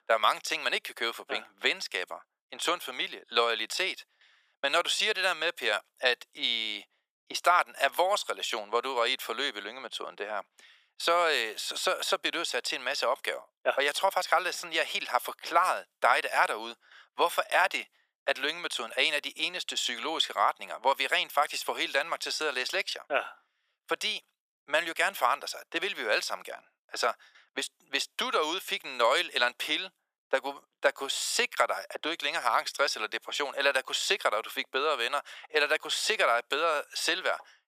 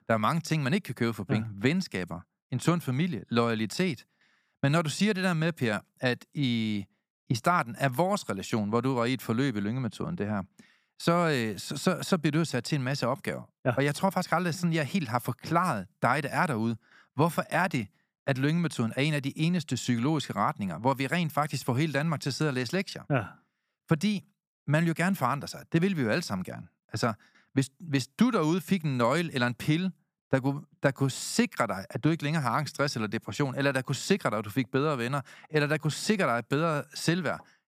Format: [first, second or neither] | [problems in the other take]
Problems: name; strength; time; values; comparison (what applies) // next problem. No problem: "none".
second | thin; very; fading below 500 Hz